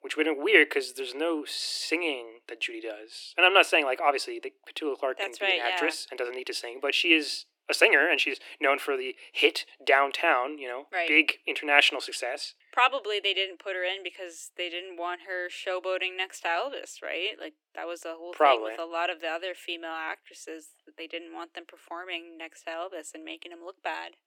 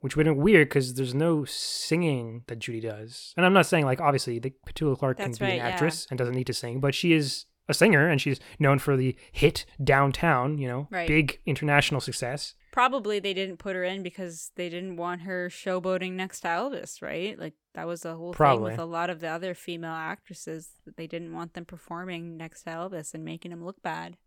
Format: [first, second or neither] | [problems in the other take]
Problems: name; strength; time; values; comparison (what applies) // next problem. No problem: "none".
second | thin; very; fading below 300 Hz